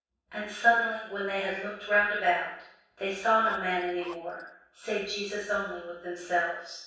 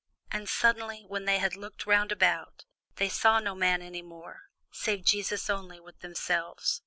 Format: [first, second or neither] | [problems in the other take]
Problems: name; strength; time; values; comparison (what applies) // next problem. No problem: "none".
second | background sound (Zipper (clothing)); 18 dB below the speech // room echo; dies away in 0.7 s